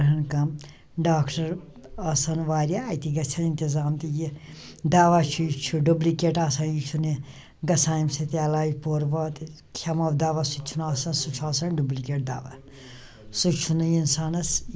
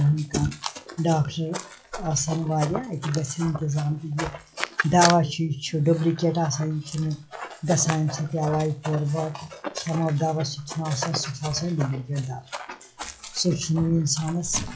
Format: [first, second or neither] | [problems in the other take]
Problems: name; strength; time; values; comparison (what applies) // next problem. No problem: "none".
first | noise reduction (classical method log-MMSE)